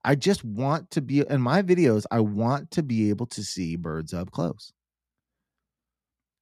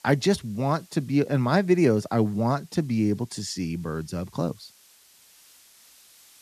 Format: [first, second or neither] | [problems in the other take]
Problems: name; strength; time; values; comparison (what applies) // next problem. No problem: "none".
first | hiss; faint; throughout; 30 dB below the speech